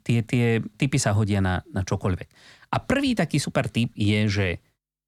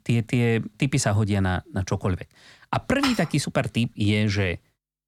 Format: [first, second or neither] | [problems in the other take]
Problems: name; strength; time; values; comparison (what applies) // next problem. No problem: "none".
first | clattering dishes; noticeable; at 3 s; peak 5 dB below the speech